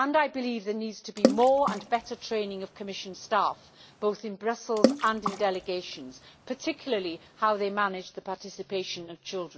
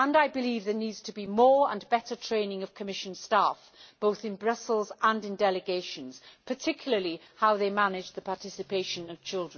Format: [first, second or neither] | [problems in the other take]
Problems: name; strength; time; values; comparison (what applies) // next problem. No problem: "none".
second | background sound (Water / Splash, splatter); 3 dB below the speech